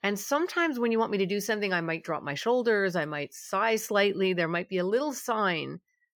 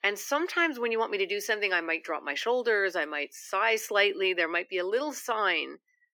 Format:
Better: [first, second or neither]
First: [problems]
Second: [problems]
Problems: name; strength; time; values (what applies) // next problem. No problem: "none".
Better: first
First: none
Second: thin; somewhat; fading below 300 Hz